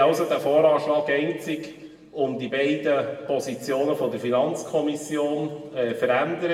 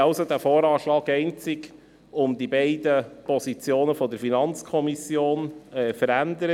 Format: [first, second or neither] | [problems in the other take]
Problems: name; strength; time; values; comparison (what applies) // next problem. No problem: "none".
second | room echo; dies away in 1.2 s